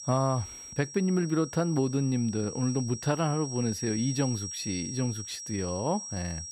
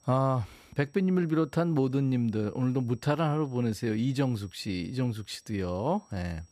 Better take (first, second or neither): second